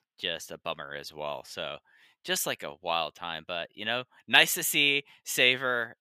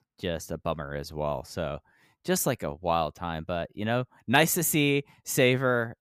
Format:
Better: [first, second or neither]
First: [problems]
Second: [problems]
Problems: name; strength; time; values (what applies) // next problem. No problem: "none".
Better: second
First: thin; somewhat; fading below 1 kHz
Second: none